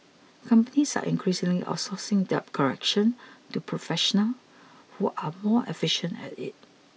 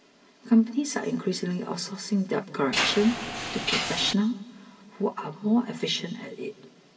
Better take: first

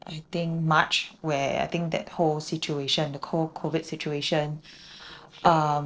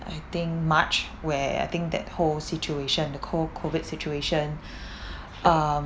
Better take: second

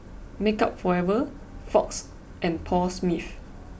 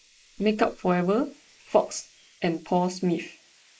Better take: first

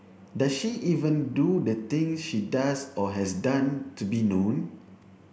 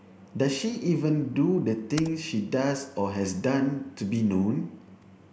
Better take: first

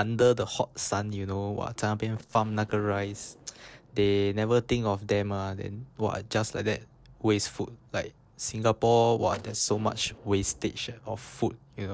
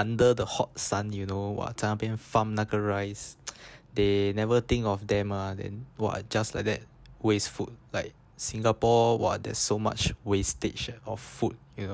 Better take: second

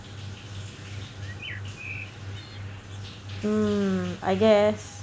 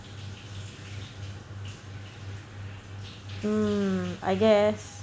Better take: second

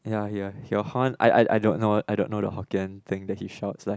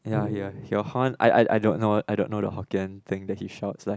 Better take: first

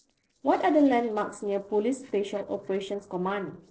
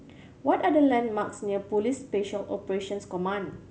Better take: second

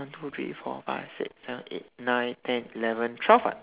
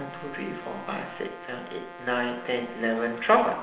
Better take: first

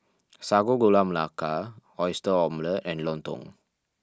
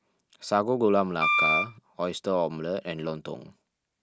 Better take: first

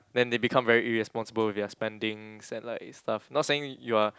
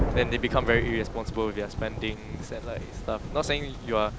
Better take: first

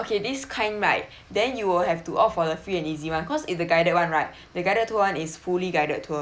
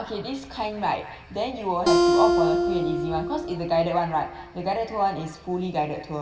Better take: first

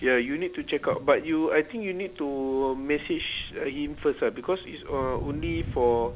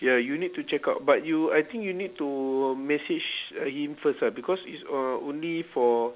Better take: second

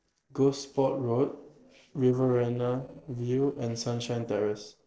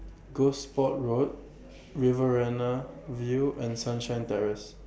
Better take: second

